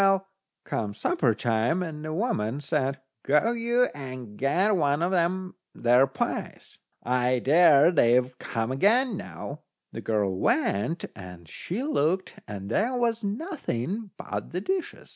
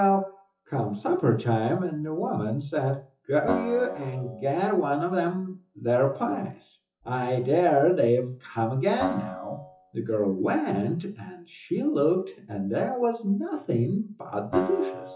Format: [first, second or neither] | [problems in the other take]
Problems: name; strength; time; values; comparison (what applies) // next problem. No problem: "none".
first | noise reduction (classical method WPE with log-MMSE)